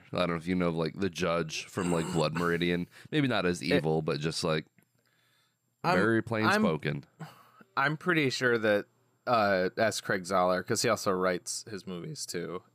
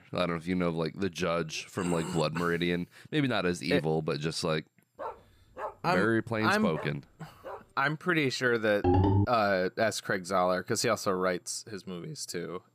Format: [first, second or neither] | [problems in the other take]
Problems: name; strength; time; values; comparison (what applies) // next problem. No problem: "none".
first | dog barking; faint; from 5 to 7.5 s; peak 10 dB below the speech // phone ringing; loud; at 9 s; peak 5 dB above the speech